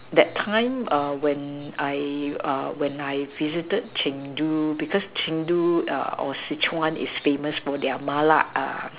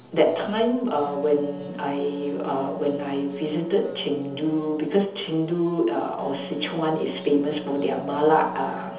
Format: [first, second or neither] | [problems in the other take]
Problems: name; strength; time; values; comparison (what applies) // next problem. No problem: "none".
first | background sound (Wind instrument, woodwind instrument); 14 dB below the speech // room echo; dies away in 0.8 s